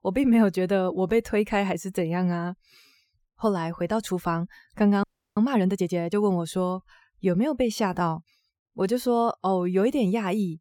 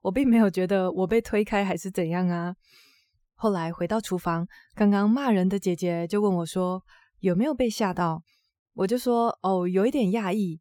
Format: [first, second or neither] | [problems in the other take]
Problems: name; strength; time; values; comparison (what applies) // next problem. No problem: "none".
second | audio freezing; at 5 s